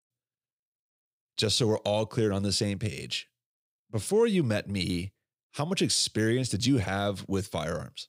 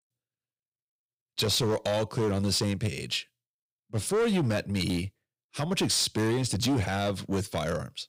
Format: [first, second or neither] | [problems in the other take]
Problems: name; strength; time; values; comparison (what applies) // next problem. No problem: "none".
first | distortion; slight; 10% of the sound clipped